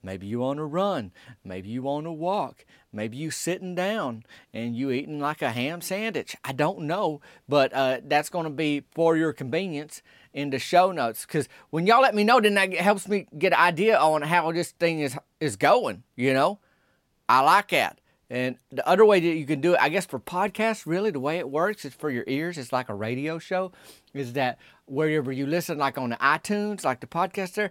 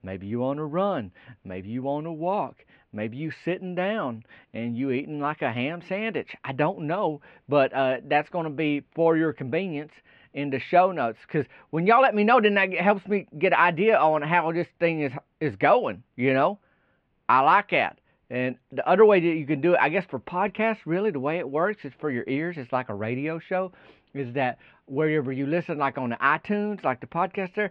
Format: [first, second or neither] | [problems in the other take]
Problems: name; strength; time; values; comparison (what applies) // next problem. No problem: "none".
first | muffled; very; fading above 2.5 kHz